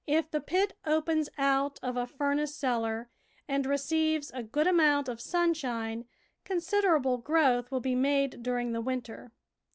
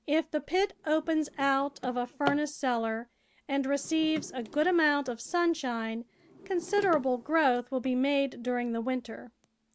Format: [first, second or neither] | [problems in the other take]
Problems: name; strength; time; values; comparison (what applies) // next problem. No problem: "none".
first | background sound (Drawer open or close); 17 dB below the speech